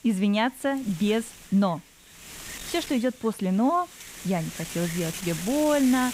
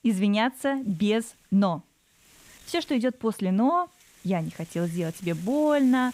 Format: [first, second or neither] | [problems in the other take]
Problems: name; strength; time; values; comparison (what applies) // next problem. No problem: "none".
second | wind noise on the microphone; heavy; 10 dB below the speech; occasional gusts in the second